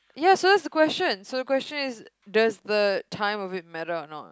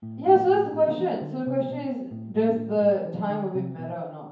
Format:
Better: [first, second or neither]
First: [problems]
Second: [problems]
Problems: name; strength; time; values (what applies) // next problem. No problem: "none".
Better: first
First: none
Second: background sound (Bass guitar); 13 dB below the speech // room echo; dies away in 0.9 s